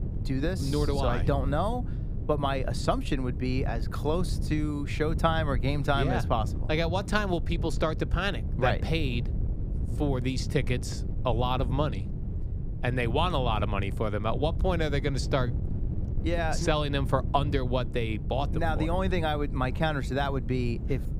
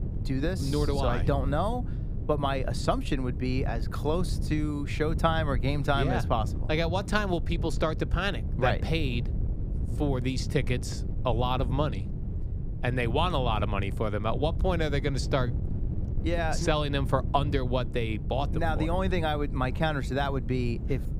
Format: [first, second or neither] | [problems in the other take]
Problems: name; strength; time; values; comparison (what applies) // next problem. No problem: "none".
neither | wind noise on the microphone; occasional gusts; 15 dB below the speech; the same in both